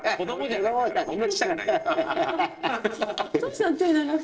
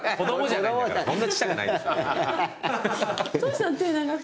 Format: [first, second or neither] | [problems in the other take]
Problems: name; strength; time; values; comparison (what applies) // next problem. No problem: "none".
second | noise reduction (neural separator model SepFormer DNS4)